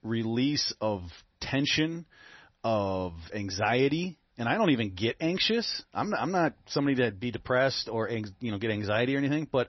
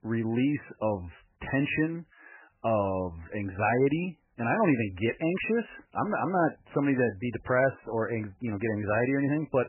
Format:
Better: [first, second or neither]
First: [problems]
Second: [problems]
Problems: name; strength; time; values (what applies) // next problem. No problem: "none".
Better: first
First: garbled, watery; slightly; nothing above 6 kHz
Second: garbled, watery; badly; nothing above 2.5 kHz